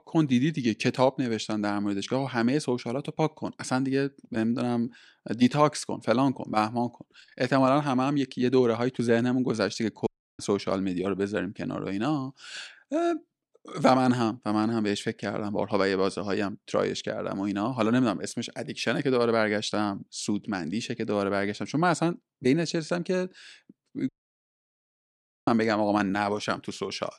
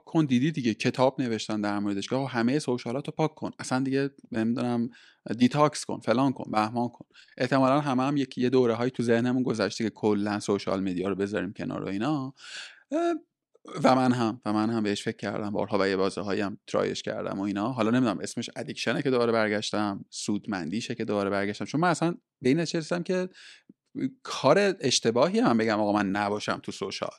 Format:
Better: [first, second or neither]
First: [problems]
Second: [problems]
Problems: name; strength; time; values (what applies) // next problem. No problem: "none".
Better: second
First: audio cutting out; at 10 s and at 24 s for 1.5 s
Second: none